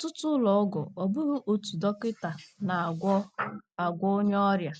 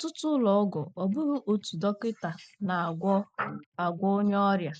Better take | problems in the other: first | noise reduction (neural mask model Resemble Enhance denoiser)

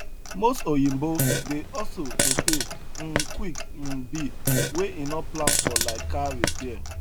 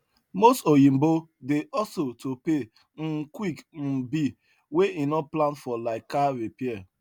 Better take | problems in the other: second | background sound (Fart + Clock); 3 dB above the speech

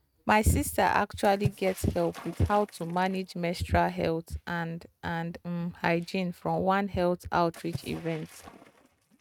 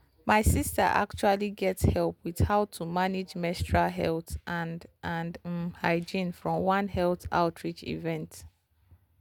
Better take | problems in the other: second | noise reduction (neural mask model RNNoise)

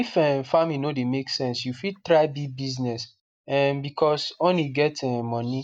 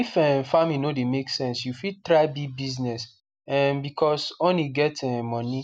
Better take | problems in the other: second | noise reduction (neural mask model DeepFilterNet 3)

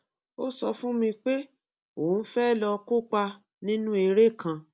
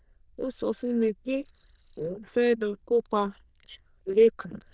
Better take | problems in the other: first | noise reduction (neural diffusion model UNIVERSE++)

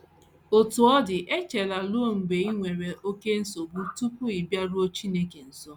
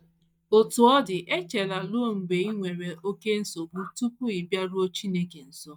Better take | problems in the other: first | noise reduction (neural mask model DeepFilterNet 3)

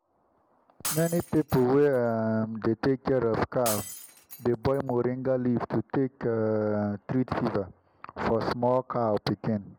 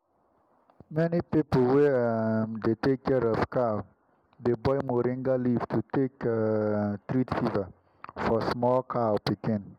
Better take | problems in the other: second | background sound (Shatter); 13 dB below the speech

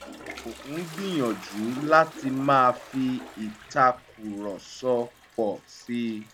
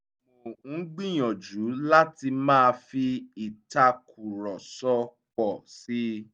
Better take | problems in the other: second | background sound (Toilet flush); 17 dB below the speech

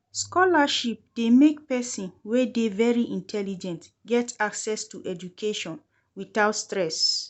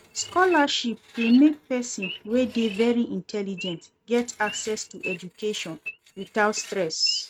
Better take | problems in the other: first | noise reduction (neural mask model RNNoise)

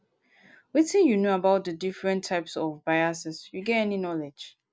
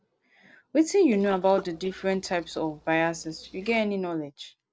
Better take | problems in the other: first | noise reduction (neural separator model SepFormer DNS4)

